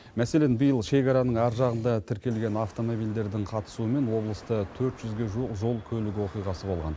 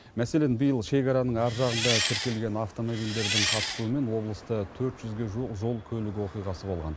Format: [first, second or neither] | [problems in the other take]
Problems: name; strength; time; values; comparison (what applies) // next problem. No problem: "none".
first | background sound (Engine); 2 dB below the speech